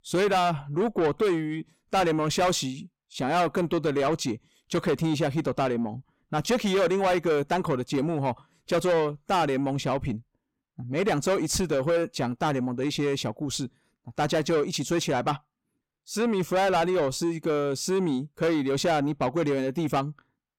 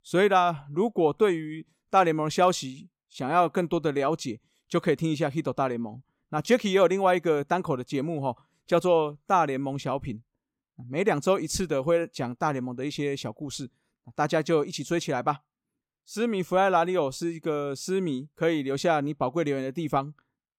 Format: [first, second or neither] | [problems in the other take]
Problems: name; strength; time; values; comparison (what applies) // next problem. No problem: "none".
second | distortion; heavy; 8 dB below the speech